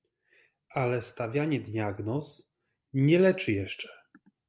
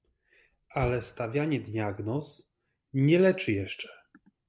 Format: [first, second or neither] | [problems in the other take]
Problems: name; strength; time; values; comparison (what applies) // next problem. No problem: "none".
first | background sound (Motor vehicle (road)); 20 dB below the speech